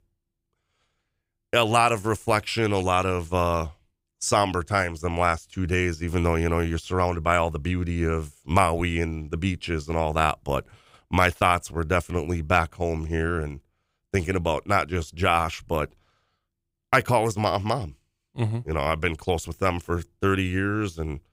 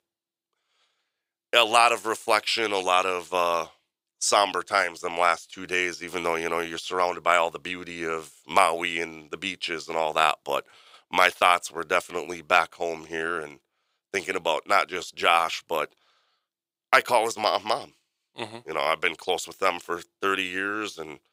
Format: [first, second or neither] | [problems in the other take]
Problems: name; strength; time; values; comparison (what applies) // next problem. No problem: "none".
first | thin; very; fading below 500 Hz